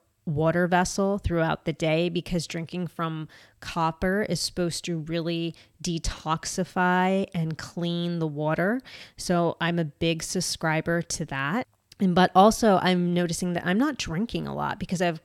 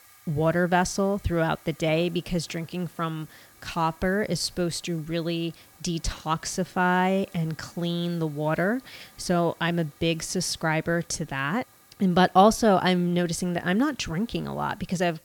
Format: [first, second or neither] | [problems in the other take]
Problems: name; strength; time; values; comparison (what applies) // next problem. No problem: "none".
first | hiss; faint; throughout; 25 dB below the speech